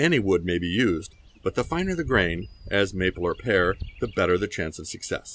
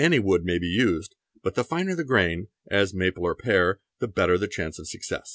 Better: second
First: background sound (Bird vocalization, bird call, bird song); 16 dB below the speech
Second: none

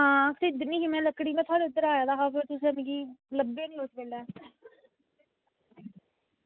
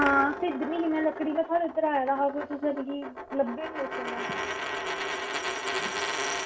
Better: first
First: none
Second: background sound (Coin (dropping)); 4 dB below the speech // room echo; dies away in 0.3 s

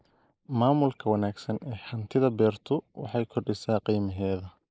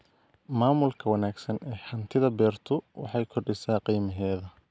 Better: second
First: noise reduction (neural mask model Resemble Enhance denoiser)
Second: none

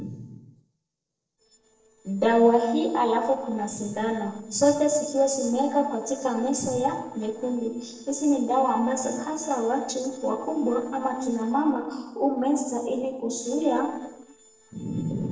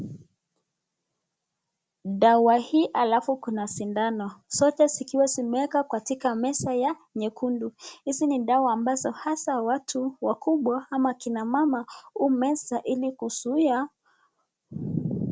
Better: second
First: noise reduction (neural separator model SepFormer DNS4)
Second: none

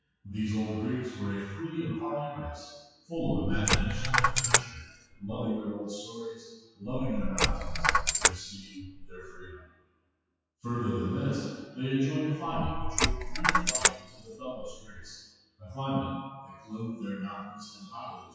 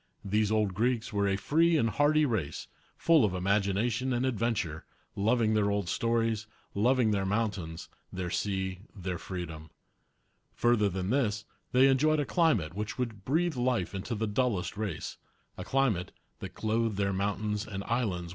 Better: second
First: noise reduction (classical method WPE with log-MMSE)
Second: none

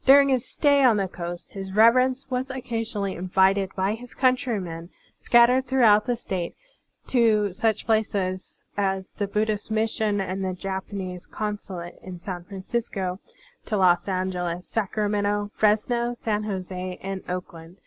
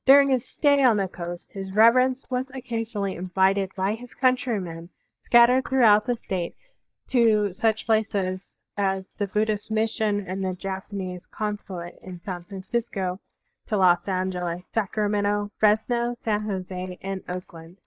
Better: first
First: none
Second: noise reduction (neural mask model DeepFilterNet 3)

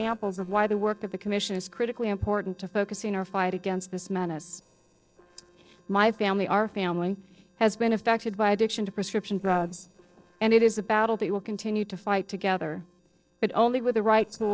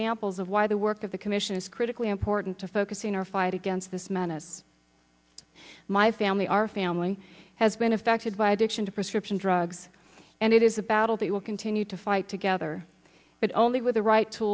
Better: second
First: noise reduction (neural separator model SepFormer DNS4)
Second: none

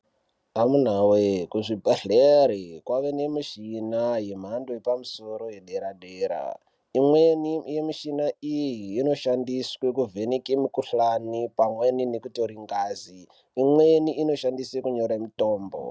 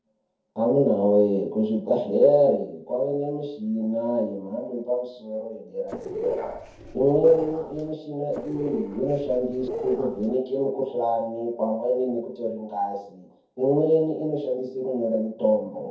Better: first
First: none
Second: noise reduction (neural separator model SepFormer DNS4)

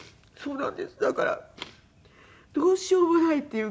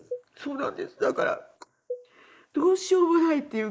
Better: first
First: none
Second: noise reduction (neural mask model Resemble Enhance denoiser)

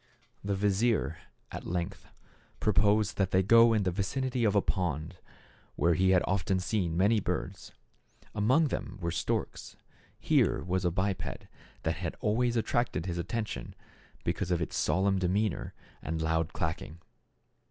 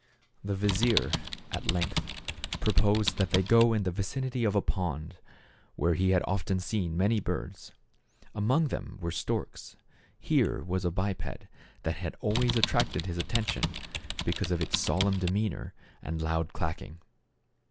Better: first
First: none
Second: background sound (Typing); 4 dB below the speech

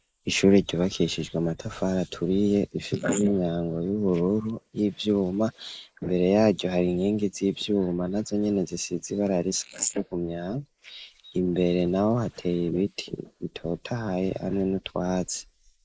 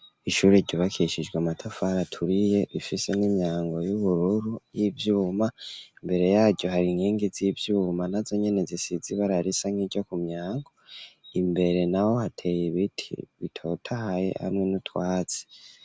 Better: second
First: noise reduction (neural mask model Resemble Enhance denoiser)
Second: none

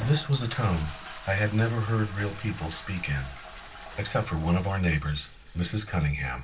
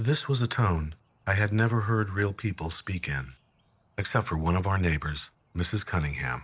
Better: second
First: background sound (Toilet flush); 15 dB below the speech // room echo; dies away in 0.2 s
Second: none

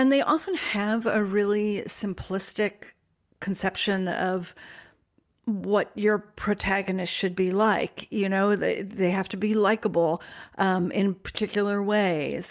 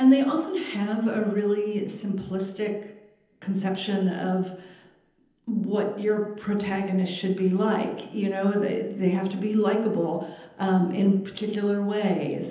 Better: first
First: none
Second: room echo; dies away in 0.9 s

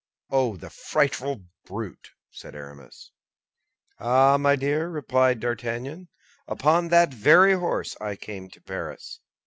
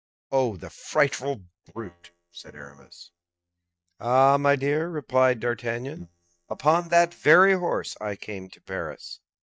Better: first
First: none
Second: noise reduction (neural mask model DeepFilterNet 3)

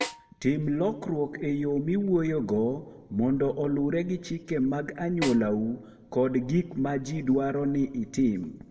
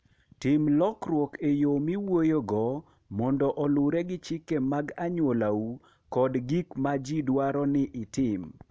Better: second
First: background sound (Snare drum); 12 dB below the speech // room echo; dies away in 1.3 s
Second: none

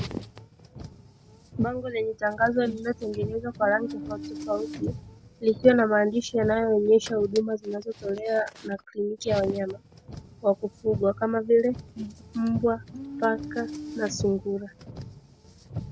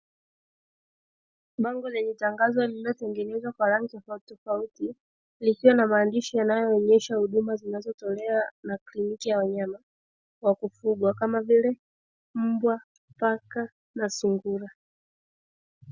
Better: second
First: background sound (Car); 12 dB below the speech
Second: none

